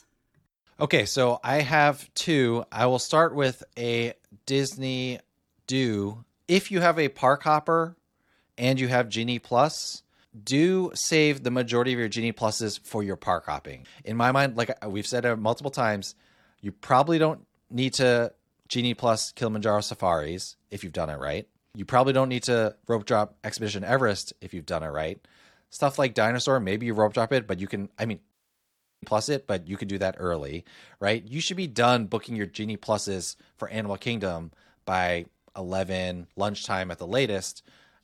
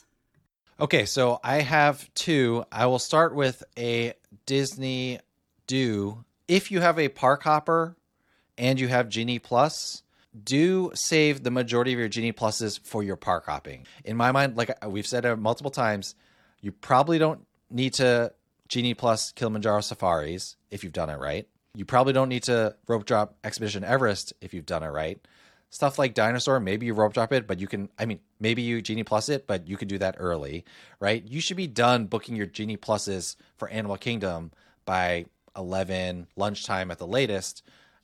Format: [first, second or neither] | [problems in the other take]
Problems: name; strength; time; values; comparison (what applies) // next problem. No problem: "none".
second | audio cutting out; at 28 s for 0.5 s